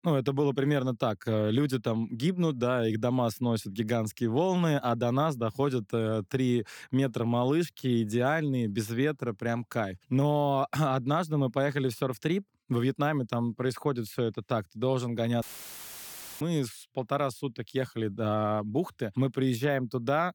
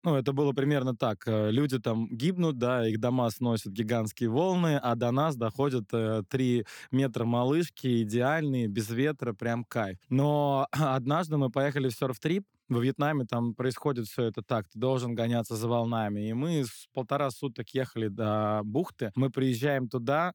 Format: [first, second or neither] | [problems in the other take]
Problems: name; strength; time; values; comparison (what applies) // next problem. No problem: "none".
second | audio cutting out; filled with static; at 15 s for 1 s